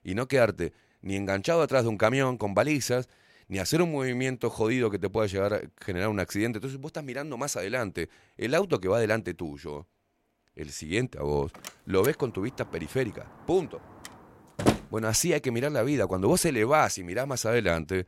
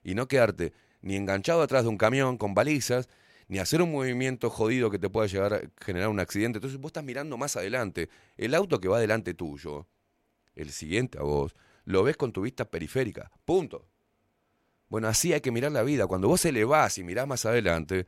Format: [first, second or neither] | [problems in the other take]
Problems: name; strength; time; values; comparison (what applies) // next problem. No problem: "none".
second | door banging; loud; from 12 to 15 s; peak 1 dB above the speech